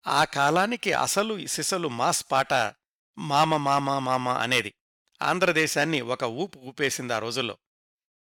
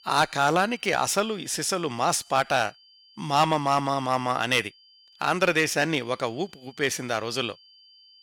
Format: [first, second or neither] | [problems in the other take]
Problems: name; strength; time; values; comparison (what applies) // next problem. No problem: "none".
first | high-pitched whine; faint; throughout; 4.5 kHz, 30 dB below the speech